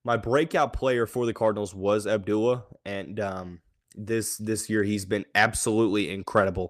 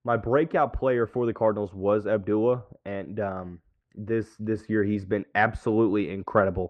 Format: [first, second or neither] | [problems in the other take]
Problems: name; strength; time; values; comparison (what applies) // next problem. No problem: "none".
first | muffled; very; fading above 1.5 kHz